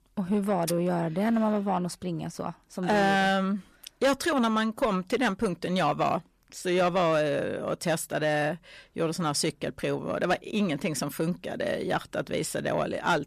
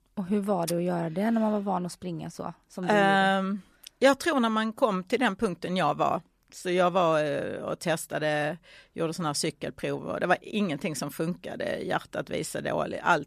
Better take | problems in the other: second | distortion; slight; 10 dB below the speech

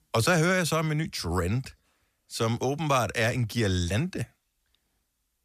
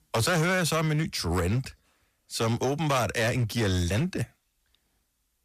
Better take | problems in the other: first | distortion; slight; 12% of the sound clipped

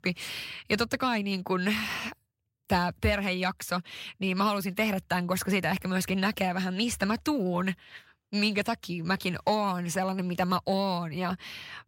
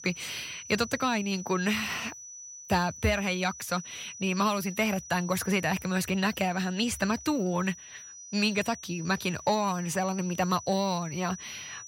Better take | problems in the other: first | high-pitched whine; noticeable; throughout; 6 kHz, 15 dB below the speech

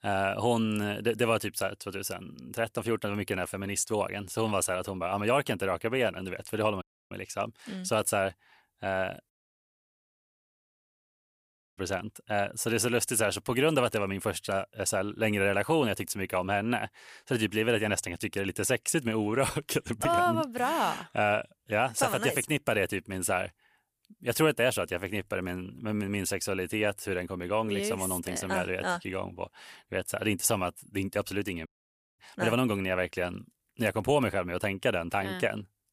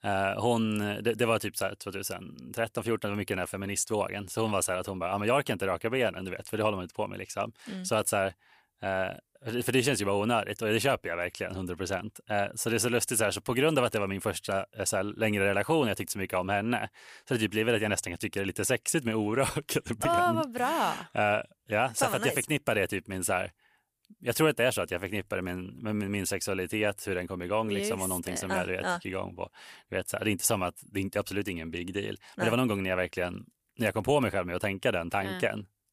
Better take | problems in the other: second | audio cutting out; at 7 s, at 9.5 s for 2.5 s and at 32 s for 0.5 s

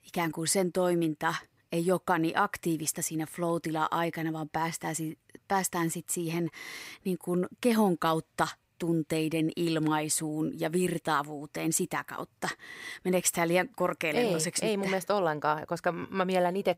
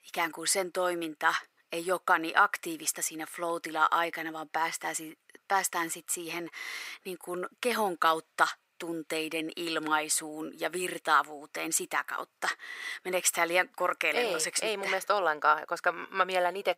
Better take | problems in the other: first | thin; very; fading below 450 Hz

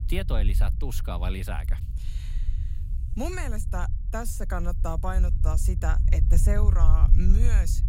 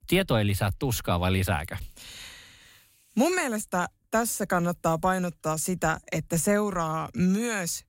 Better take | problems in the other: second | low rumble; loud; throughout; 10 dB below the speech

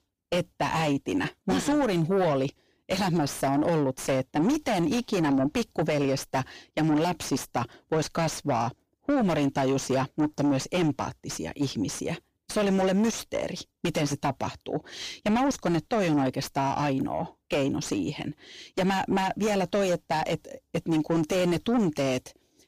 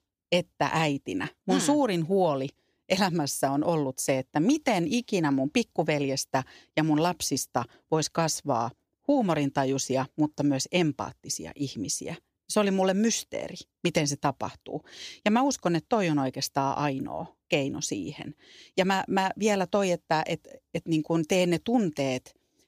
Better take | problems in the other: second | distortion; heavy; 7 dB below the speech

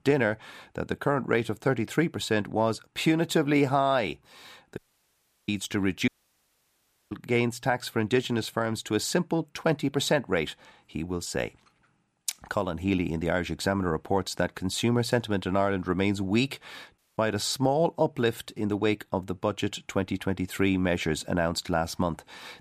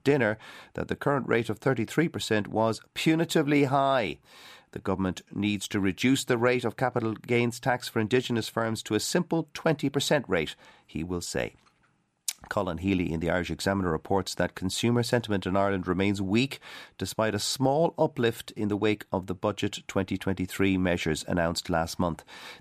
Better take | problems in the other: second | audio cutting out; at 5 s for 0.5 s, at 6 s for 1 s and at 17 s

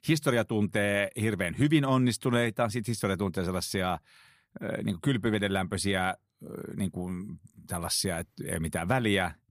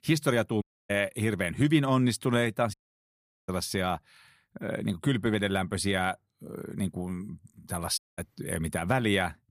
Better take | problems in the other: first | audio cutting out; at 0.5 s, at 2.5 s for 0.5 s and at 8 s

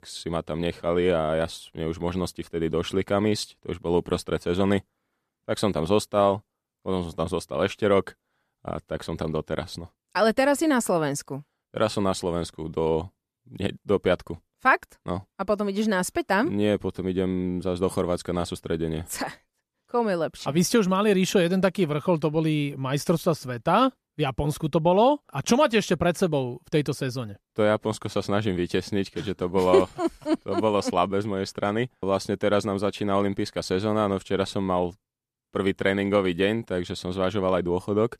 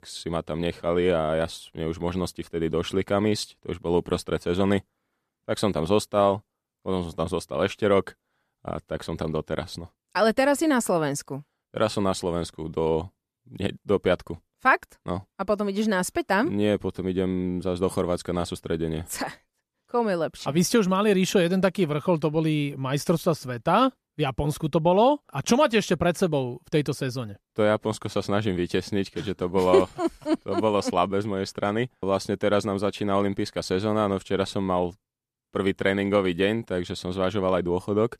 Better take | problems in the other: neither | none

